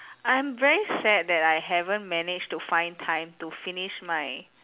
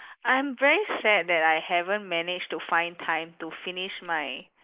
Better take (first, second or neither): first